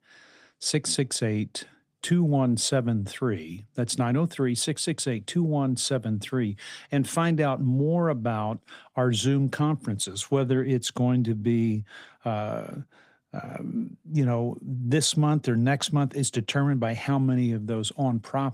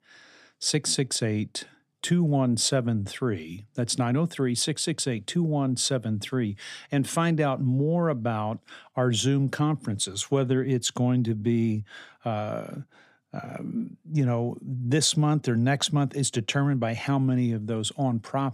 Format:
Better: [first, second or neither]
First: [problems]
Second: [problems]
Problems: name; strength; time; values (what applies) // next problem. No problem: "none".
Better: second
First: garbled, watery; slightly; nothing above 15.5 kHz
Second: none